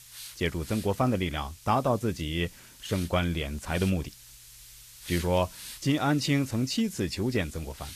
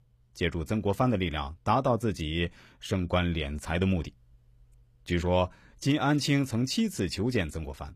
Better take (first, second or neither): second